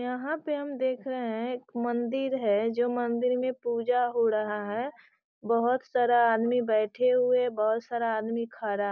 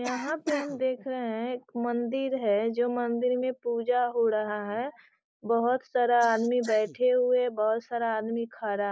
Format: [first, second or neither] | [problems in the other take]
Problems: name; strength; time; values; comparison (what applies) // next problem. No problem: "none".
first | noise reduction (neural mask model Resemble Enhance denoiser)